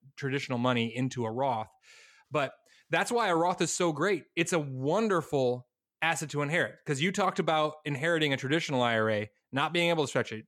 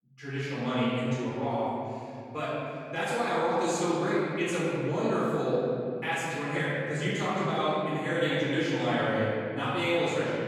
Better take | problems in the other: first | off-mic speech; far // room echo; strong; dies away in 2.6 s

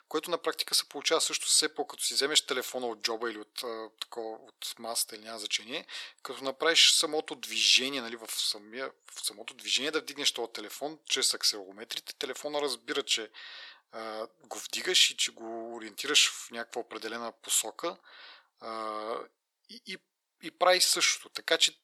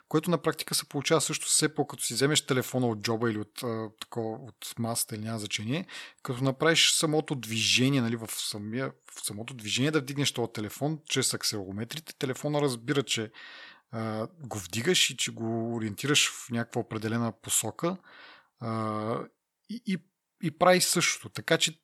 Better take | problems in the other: second | thin; somewhat; fading below 400 Hz

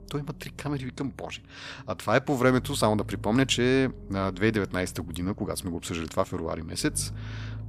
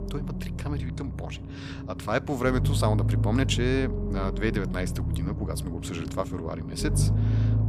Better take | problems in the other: first | low rumble; loud; throughout; 8 dB below the speech; faint in the first

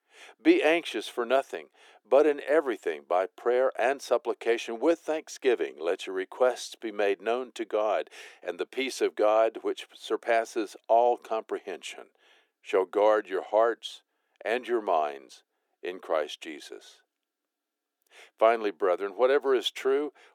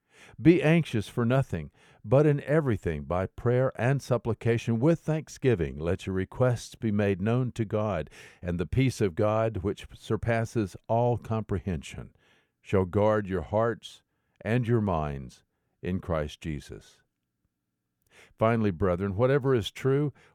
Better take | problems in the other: second | thin; very; fading below 300 Hz

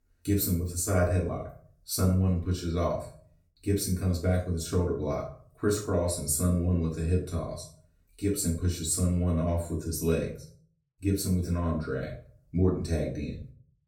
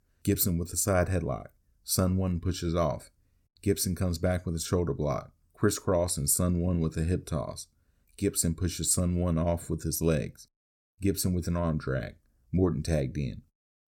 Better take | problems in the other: second | room echo; slight; dies away in 0.4 s // off-mic speech; far

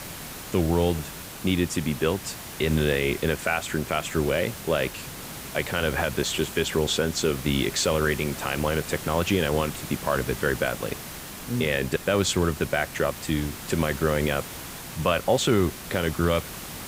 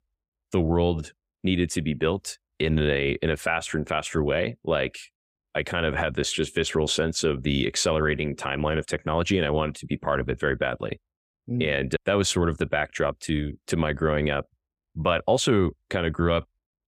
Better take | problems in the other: second | hiss; noticeable; throughout; 10 dB below the speech

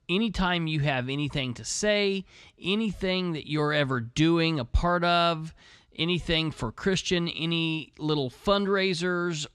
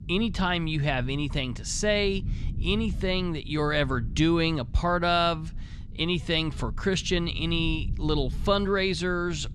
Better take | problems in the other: first | low rumble; faint; throughout; 25 dB below the speech

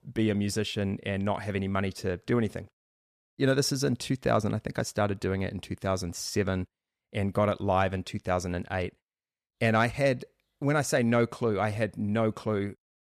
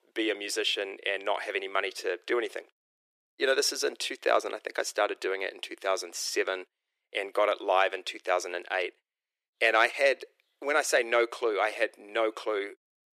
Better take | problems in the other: first | thin; very; fading below 350 Hz

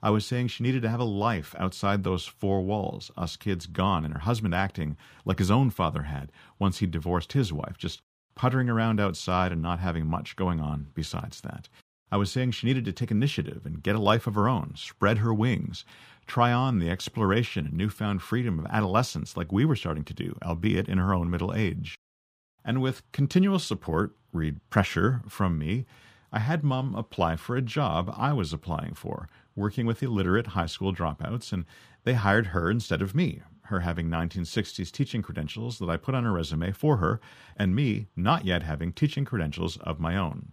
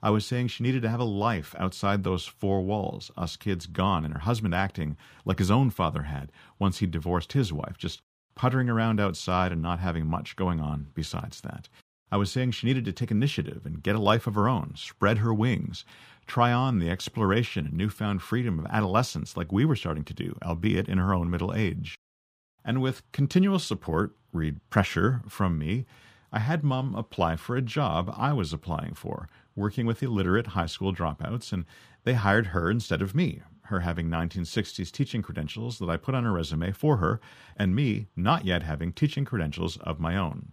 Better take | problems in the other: neither | none

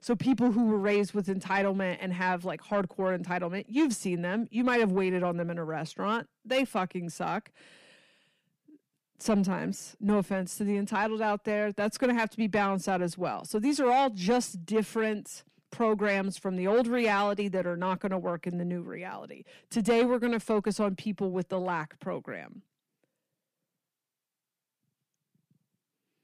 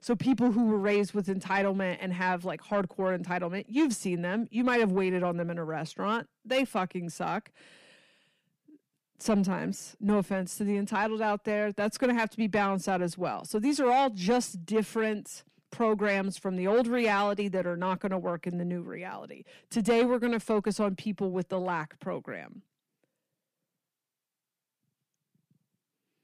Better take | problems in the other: neither | distortion; slight; 10 dB below the speech; the same in both

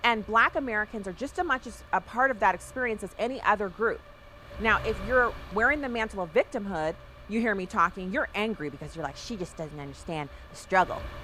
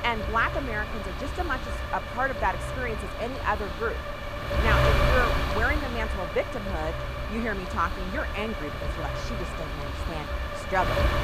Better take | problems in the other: first | wind noise on the microphone; heavy; 2 dB below the speech; occasional gusts in the first

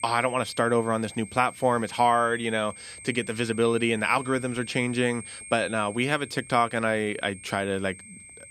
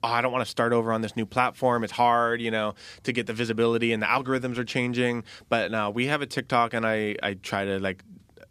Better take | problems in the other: second | high-pitched whine; noticeable; throughout; 8.5 kHz, 15 dB below the speech

